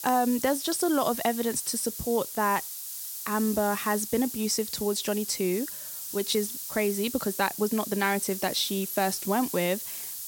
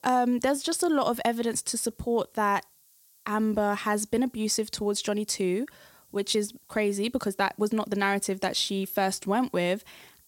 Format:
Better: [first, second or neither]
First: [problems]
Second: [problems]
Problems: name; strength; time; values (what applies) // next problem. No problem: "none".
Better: second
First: hiss; loud; throughout; 6 dB below the speech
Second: hiss; faint; throughout; 30 dB below the speech